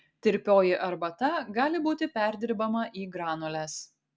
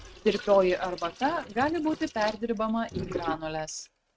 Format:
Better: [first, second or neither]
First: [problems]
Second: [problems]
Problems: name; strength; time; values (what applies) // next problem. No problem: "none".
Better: first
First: none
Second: noise reduction (neural mask model RNNoise)